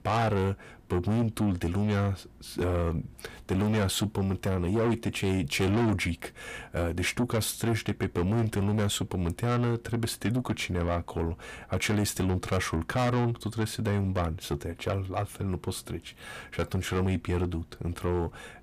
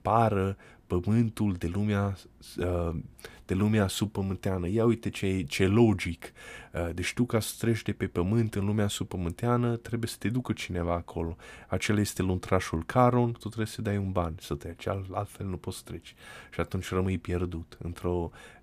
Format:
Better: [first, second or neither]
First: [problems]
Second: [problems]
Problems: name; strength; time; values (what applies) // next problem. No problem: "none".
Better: second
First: distortion; heavy; 7 dB below the speech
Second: none